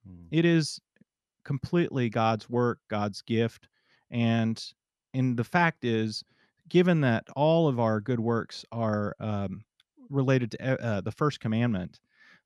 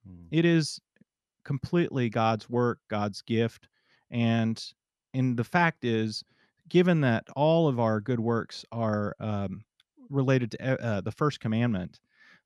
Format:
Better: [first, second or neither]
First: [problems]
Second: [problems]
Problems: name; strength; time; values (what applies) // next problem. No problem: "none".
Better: neither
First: none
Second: none